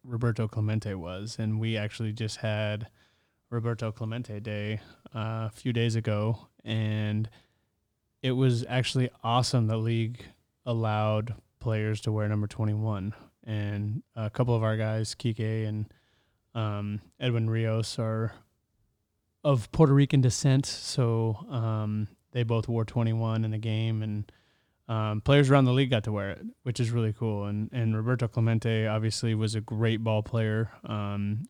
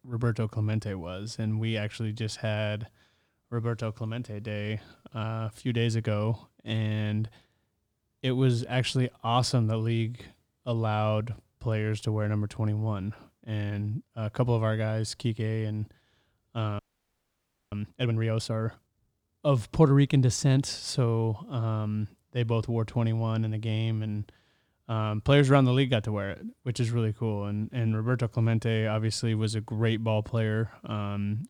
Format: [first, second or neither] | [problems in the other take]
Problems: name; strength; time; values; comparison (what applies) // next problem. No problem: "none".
first | audio freezing; at 17 s for 1 s